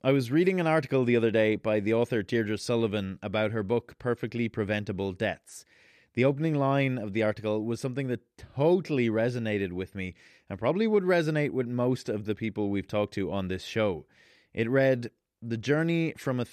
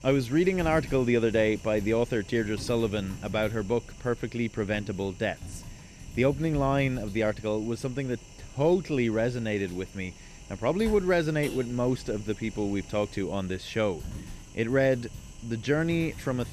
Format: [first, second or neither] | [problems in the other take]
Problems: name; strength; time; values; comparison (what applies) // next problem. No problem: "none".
first | household noises; noticeable; throughout; 15 dB below the speech